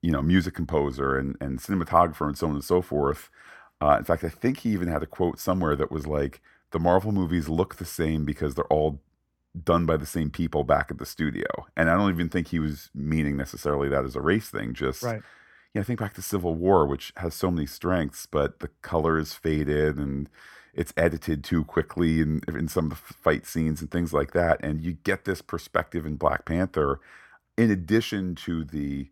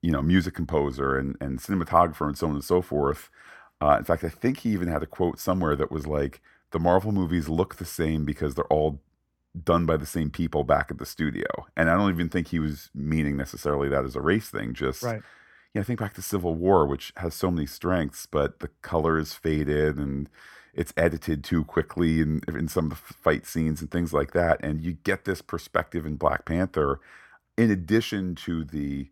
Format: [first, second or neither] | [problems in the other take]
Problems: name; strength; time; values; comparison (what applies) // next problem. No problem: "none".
neither | none